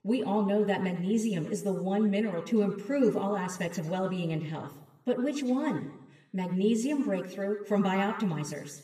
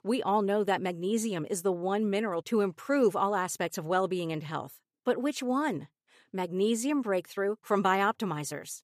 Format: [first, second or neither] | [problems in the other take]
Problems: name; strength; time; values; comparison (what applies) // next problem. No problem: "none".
second | room echo; slight; dies away in 0.9 s // off-mic speech; somewhat distant